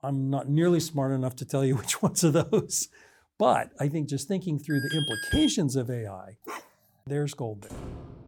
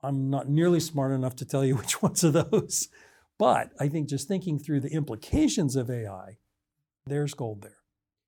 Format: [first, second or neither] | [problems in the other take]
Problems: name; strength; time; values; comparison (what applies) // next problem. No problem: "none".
second | alarm; noticeable; at 4.5 s; peak 3 dB below the speech // dog barking; faint; at 6.5 s; peak 15 dB below the speech // door banging; faint; at 7.5 s; peak 15 dB below the speech